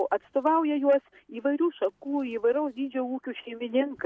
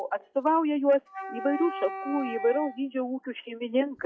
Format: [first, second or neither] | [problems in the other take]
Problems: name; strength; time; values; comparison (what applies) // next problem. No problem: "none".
first | noise reduction (classical method log-MMSE)